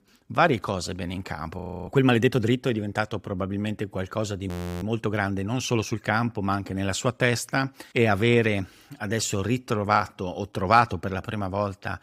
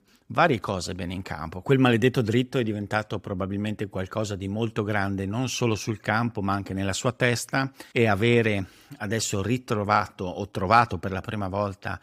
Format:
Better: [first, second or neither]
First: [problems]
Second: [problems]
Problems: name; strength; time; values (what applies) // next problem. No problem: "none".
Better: second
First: audio freezing; at 1.5 s and at 4.5 s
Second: none